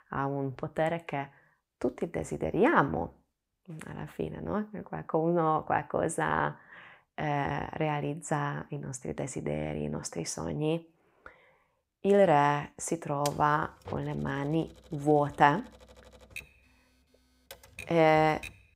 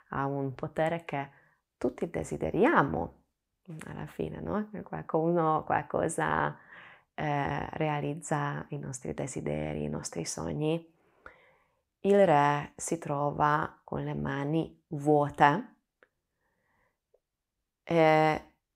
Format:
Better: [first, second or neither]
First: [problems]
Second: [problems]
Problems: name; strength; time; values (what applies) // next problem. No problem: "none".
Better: second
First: keyboard typing; faint; from 13 s on; peak 10 dB below the speech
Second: none